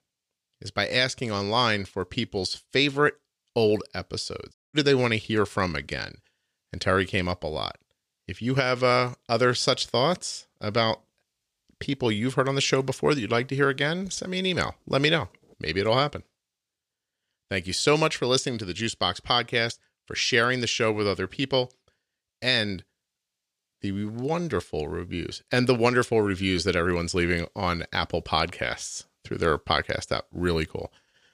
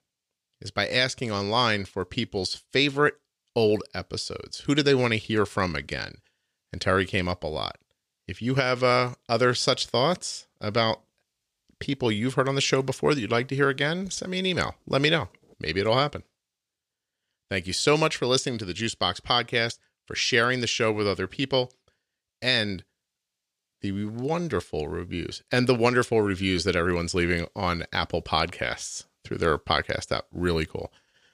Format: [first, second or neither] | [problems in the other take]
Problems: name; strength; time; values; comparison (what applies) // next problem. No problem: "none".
second | audio cutting out; at 4.5 s